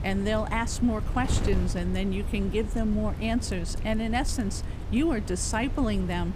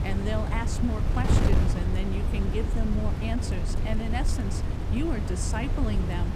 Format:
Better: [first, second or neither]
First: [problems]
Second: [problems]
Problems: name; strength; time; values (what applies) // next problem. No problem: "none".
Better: first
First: wind noise on the microphone; occasional gusts; 10 dB below the speech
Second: wind noise on the microphone; heavy; 2 dB below the speech